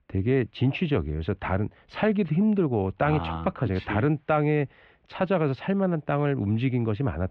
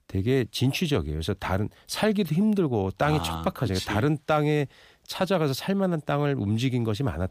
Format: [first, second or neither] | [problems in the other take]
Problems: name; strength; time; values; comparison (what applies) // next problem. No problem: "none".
second | muffled; very; fading above 2.5 kHz